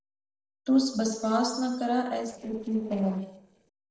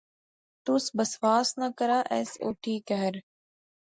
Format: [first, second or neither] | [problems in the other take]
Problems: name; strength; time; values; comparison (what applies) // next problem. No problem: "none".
second | noise reduction (neural separator model SepFormer DNS4)